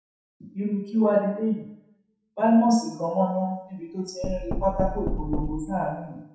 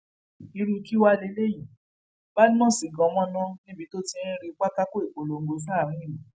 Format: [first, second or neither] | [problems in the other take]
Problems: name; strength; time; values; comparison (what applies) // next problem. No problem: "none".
second | background sound (Knock); 5 dB below the speech // room echo; dies away in 0.7 s